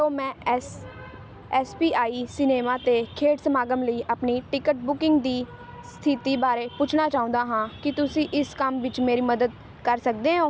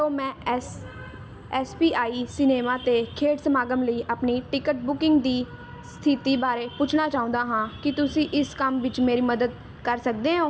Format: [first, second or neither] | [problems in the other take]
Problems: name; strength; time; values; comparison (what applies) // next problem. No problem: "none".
first | room echo; dies away in 0.7 s